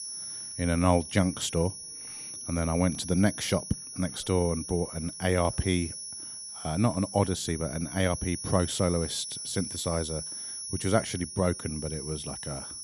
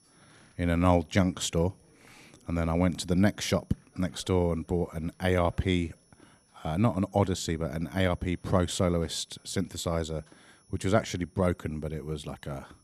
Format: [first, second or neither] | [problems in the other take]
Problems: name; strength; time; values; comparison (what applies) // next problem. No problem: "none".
second | high-pitched whine; loud; throughout; 10 kHz, 7 dB below the speech; faint in the second